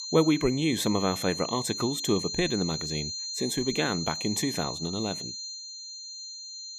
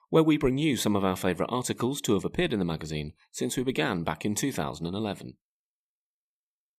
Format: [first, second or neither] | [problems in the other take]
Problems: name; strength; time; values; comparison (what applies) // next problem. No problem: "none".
second | high-pitched whine; loud; throughout; 4 kHz, 5 dB below the speech